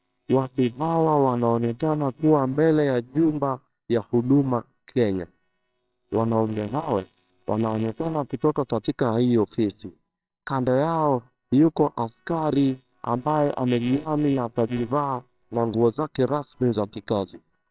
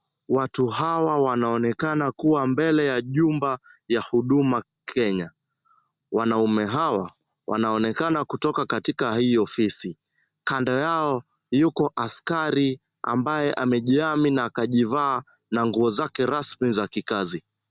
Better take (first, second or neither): second